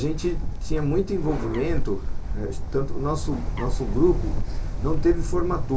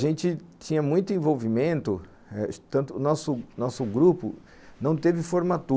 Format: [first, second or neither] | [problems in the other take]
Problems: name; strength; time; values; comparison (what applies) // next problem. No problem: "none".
second | background sound (Bird); 2 dB above the speech // room echo; dies away in 0.2 s